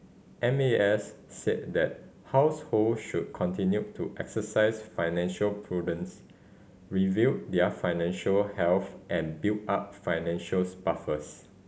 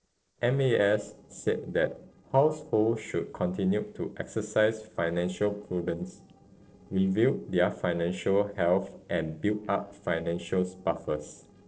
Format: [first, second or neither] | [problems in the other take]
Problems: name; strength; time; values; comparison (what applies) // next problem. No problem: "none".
first | noise reduction (neural separator model SepFormer DNS4)